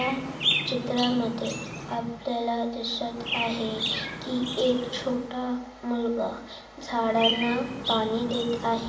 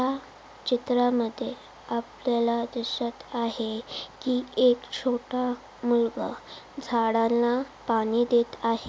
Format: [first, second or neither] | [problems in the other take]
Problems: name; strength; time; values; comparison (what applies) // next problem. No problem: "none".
second | background sound (Chirp, tweet); 5 dB below the speech // room echo; dies away in 0.8 s